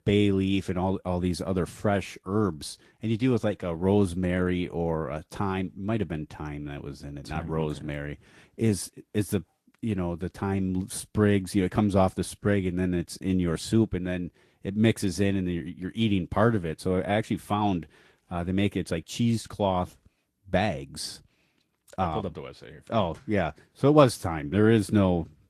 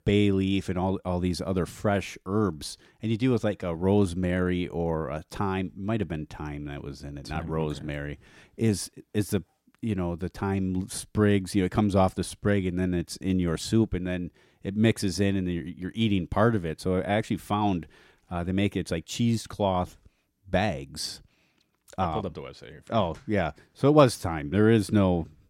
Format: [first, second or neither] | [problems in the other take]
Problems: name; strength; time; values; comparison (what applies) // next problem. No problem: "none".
second | garbled, watery; slightly; nothing above 11.5 kHz